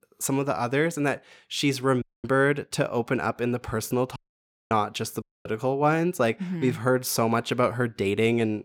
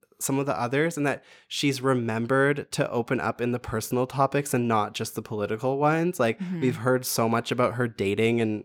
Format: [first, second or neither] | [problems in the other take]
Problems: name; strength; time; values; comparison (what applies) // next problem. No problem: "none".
second | audio cutting out; at 2 s, at 4 s for 0.5 s and at 5 s